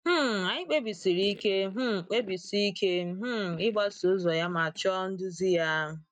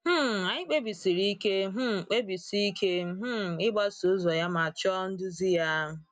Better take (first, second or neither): second